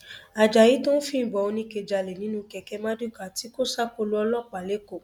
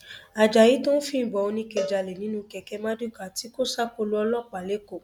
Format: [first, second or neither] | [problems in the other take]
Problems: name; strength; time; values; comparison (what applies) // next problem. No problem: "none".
first | background sound (Cowbell); 12 dB below the speech